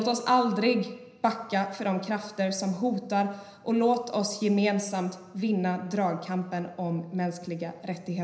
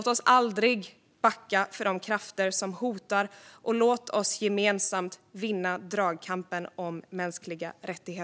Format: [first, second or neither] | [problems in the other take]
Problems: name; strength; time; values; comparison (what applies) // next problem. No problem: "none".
second | room echo; dies away in 0.9 s